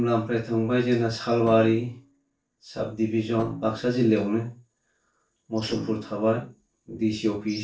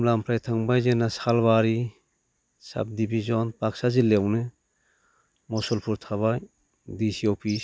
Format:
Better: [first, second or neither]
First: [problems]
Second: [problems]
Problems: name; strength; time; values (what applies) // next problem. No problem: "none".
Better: second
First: noise reduction (neural separator model SepFormer DNS4)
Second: none